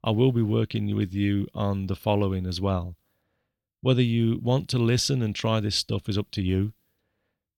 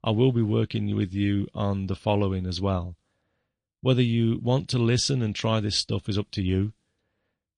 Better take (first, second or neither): first